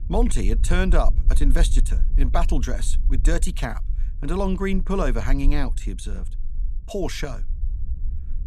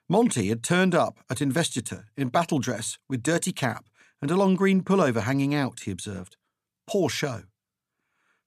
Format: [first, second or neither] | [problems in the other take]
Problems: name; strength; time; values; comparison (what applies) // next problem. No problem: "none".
second | low rumble; noticeable; throughout; 20 dB below the speech